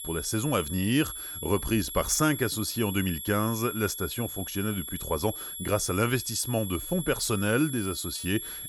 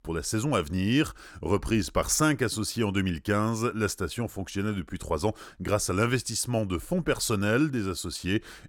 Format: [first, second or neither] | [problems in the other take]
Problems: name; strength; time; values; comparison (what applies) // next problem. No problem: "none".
second | high-pitched whine; loud; throughout; 11.5 kHz, 7 dB below the speech